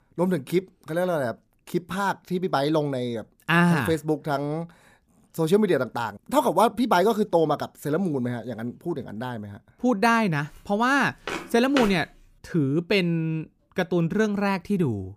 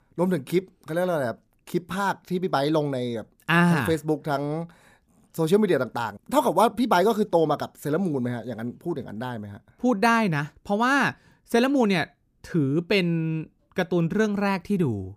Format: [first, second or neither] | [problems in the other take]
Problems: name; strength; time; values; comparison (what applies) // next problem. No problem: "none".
second | footsteps; noticeable; at 11 s; peak 5 dB below the speech